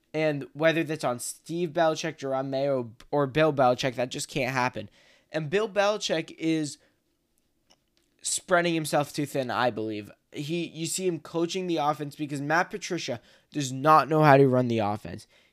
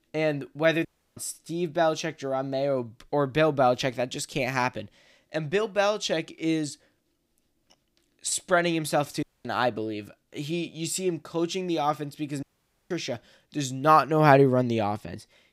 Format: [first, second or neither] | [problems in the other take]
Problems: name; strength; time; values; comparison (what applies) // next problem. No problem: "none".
first | audio cutting out; at 1 s, at 9 s and at 12 s